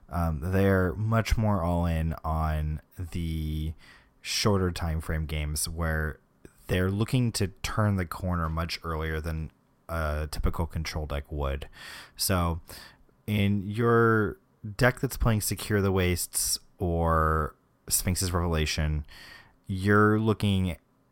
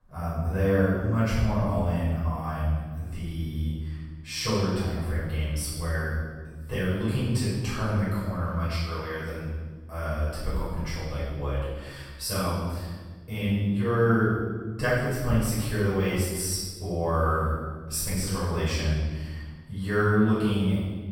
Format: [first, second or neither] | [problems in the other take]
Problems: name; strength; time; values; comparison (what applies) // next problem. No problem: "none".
first | room echo; strong; dies away in 1.3 s // off-mic speech; far